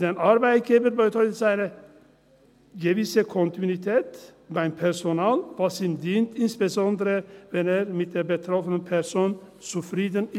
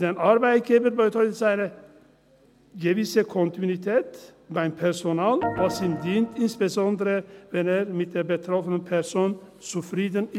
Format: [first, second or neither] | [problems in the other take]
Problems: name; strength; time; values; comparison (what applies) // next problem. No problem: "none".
first | background sound (Organ); 7 dB below the speech